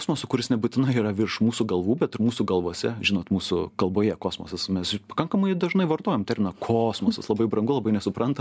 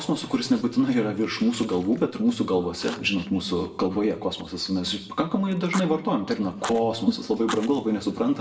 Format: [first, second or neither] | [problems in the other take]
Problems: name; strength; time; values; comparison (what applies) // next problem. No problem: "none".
first | background sound (Fire); 18 dB below the speech // room echo; dies away in 0.7 s